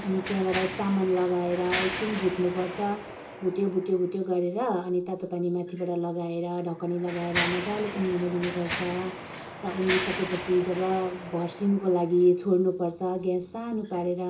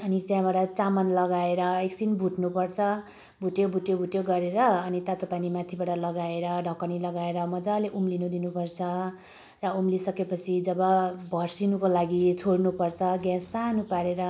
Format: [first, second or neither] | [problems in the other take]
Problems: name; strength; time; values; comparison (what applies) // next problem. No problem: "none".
second | background sound (Mechanisms); 10 dB below the speech // room echo; dies away in 0.2 s